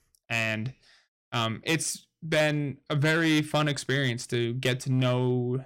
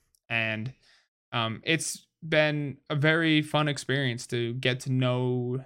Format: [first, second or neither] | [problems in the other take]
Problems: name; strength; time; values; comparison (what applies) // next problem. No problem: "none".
second | distortion; slight; 5% of the sound clipped